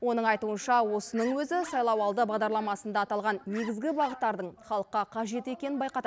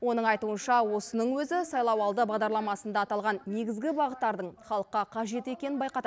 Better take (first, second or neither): second